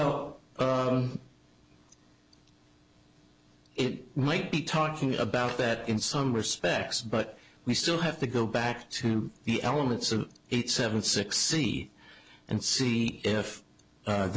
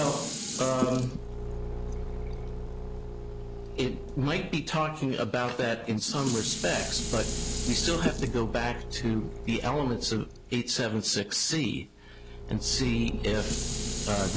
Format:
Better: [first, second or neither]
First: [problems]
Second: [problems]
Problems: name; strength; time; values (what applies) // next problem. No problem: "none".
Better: first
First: none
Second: background sound (Dishes, pots, and pans + Engine / Car); 4 dB below the speech